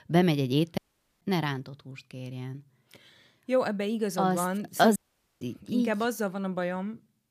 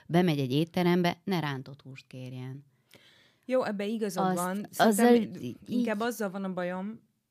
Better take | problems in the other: second | audio cutting out; at 1 s and at 5 s

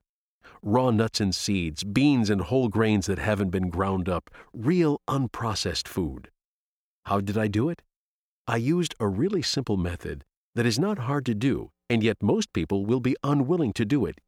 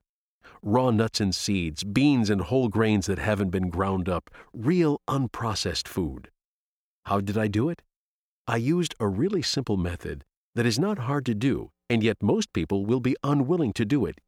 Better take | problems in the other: neither | none

